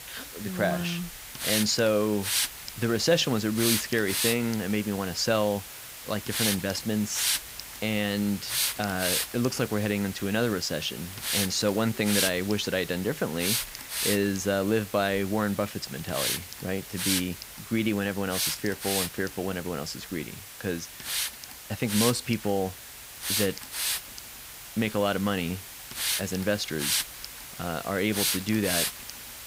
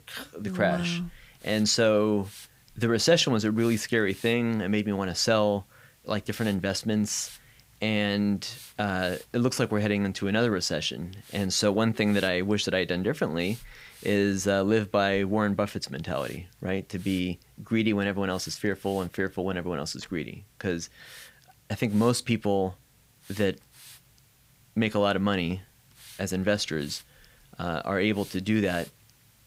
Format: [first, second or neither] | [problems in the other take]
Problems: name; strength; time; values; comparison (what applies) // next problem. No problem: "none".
second | hiss; loud; throughout; 2 dB below the speech; faint in the second